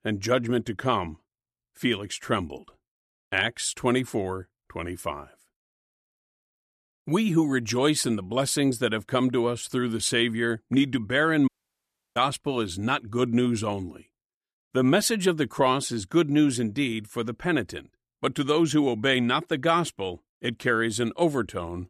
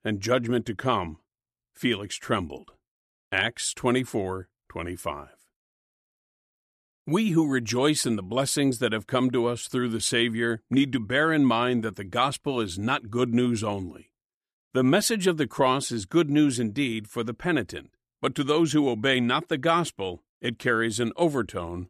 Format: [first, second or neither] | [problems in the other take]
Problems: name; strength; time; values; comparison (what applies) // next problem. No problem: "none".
second | audio cutting out; at 11 s for 0.5 s